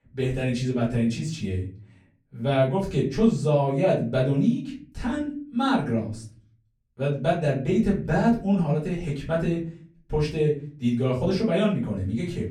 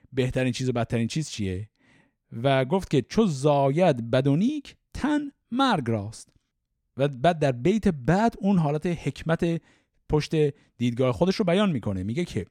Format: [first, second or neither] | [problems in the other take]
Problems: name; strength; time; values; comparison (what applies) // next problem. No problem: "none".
second | off-mic speech; far // room echo; slight; dies away in 0.4 s